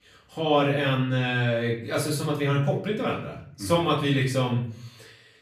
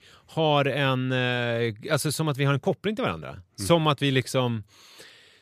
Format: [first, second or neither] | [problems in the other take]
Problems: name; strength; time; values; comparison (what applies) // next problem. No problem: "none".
second | off-mic speech; far // room echo; slight; dies away in 0.5 s